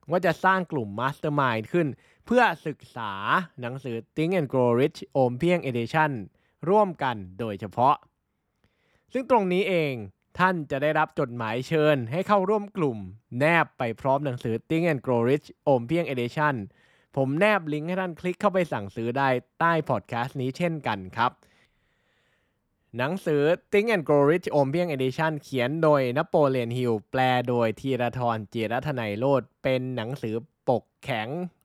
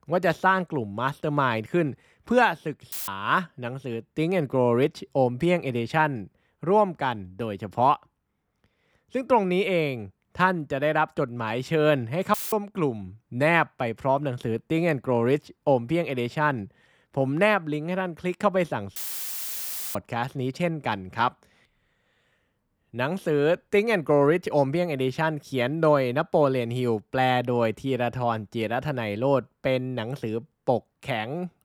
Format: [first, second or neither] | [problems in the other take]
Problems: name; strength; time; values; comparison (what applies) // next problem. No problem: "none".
first | audio cutting out; filled with static; at 3 s, at 12 s and at 19 s for 1 s